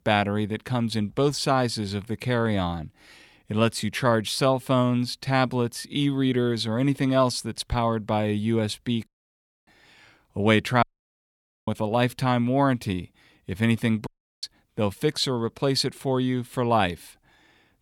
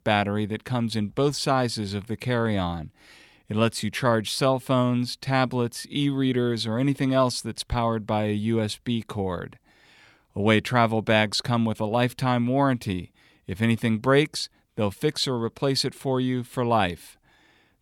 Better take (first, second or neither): second